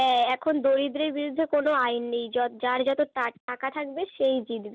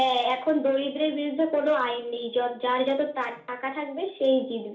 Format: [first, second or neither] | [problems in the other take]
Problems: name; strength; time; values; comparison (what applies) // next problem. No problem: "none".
first | room echo; dies away in 0.4 s